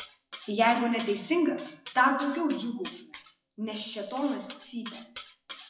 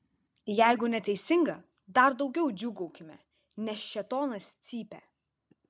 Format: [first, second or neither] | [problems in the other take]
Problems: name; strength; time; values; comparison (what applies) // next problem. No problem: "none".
second | noise reduction (classical method WPE with log-MMSE)